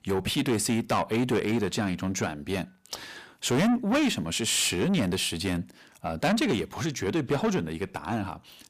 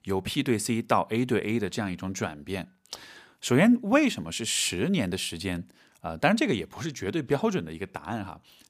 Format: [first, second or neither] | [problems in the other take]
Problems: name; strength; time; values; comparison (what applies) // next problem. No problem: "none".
second | distortion; heavy; 7 dB below the speech